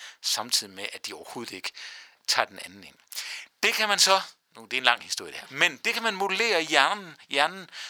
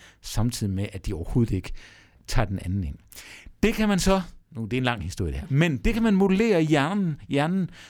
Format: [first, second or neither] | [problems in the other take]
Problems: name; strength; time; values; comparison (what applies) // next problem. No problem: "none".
second | thin; very; fading below 900 Hz